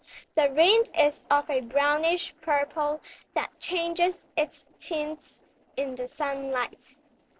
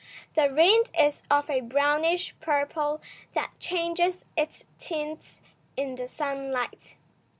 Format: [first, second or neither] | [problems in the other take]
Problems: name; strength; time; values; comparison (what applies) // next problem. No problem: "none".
second | noise reduction (neural separator model SepFormer DNS4)